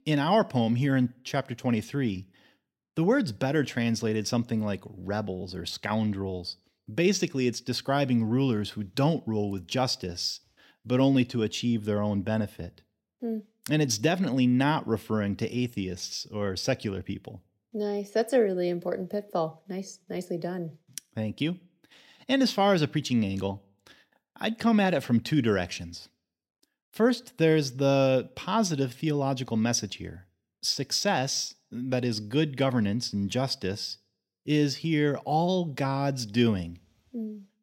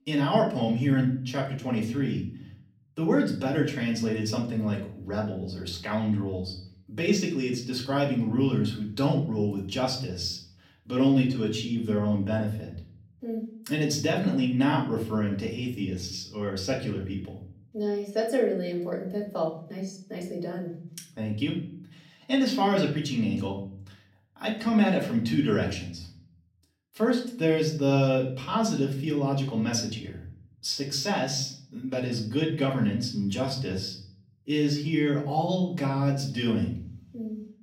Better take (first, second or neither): first